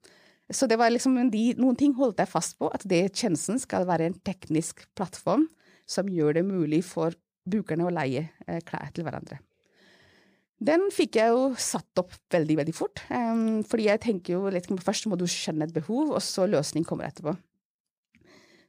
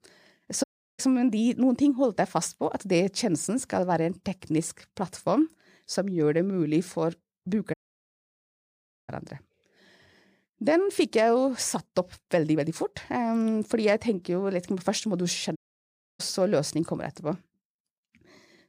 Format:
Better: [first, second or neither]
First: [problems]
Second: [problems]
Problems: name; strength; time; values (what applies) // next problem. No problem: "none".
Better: first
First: none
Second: audio cutting out; at 0.5 s, at 7.5 s for 1.5 s and at 16 s for 0.5 s